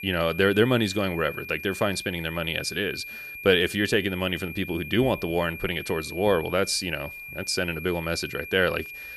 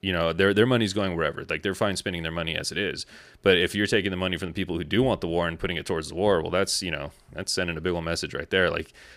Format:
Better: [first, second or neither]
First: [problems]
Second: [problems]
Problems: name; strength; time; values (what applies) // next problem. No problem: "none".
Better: second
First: high-pitched whine; noticeable; throughout; 2.5 kHz, 10 dB below the speech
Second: none